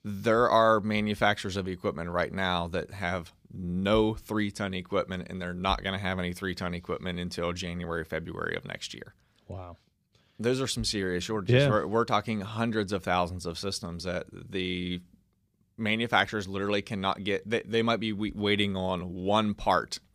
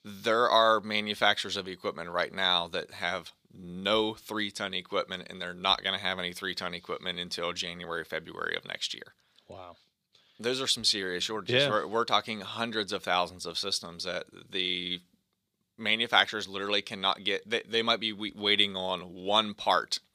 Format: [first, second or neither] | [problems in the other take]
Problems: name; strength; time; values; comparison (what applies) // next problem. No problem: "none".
first | thin; somewhat; fading below 550 Hz